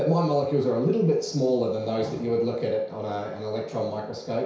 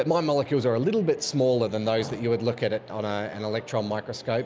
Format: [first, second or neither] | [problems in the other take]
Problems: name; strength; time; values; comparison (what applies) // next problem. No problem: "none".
second | room echo; dies away in 0.6 s